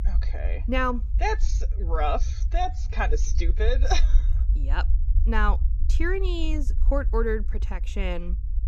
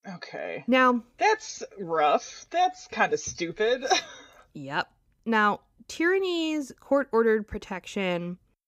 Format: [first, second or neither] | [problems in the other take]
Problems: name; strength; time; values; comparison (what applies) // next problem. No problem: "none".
second | low rumble; noticeable; throughout; 20 dB below the speech